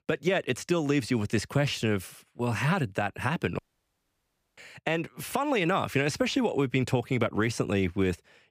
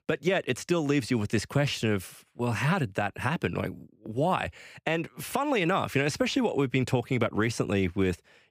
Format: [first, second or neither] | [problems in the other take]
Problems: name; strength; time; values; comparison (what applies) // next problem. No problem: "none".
second | audio cutting out; at 3.5 s for 1 s